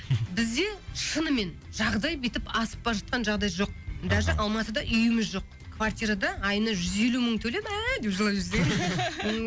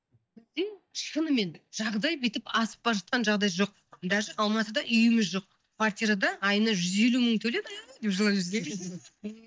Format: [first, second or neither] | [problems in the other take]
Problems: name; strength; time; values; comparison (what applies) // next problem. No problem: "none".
first | noise reduction (neural mask model DeepFilterNet 3)